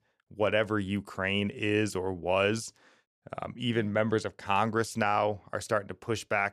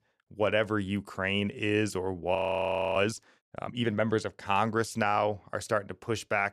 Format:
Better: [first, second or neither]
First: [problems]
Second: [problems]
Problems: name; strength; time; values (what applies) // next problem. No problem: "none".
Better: first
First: none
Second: audio freezing; at 2.5 s for 0.5 s